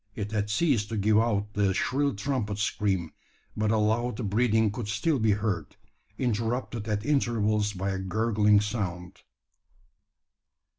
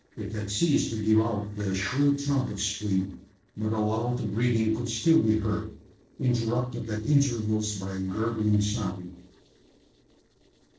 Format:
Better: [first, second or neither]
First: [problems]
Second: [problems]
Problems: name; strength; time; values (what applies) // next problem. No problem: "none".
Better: first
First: none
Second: noise reduction (neural separator model SepFormer DNS4)